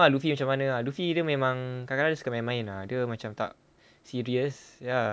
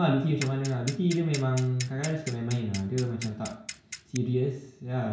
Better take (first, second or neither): first